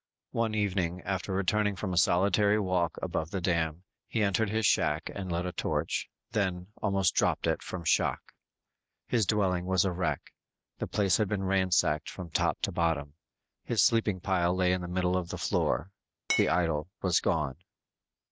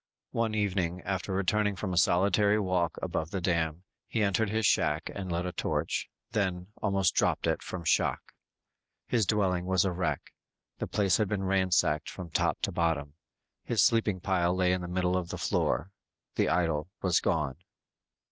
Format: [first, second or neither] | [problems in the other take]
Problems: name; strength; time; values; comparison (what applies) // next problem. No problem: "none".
second | background sound (Glass); 3 dB below the speech